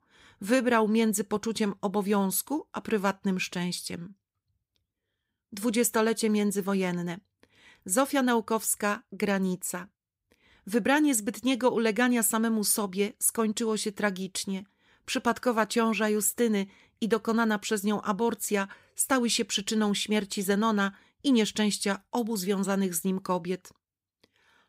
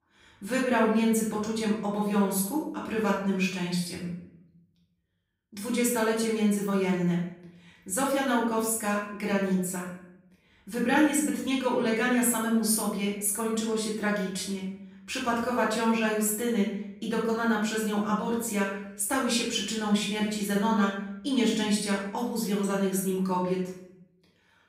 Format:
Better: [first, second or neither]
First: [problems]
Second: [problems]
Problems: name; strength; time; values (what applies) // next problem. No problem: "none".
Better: first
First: none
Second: off-mic speech; far // room echo; noticeable; dies away in 0.7 s